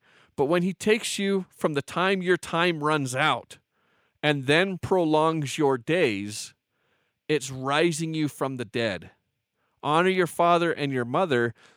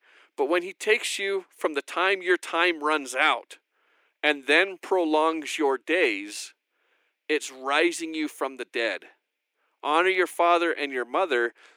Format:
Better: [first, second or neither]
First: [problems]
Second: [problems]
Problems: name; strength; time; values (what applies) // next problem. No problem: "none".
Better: first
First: none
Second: thin; somewhat; fading below 300 Hz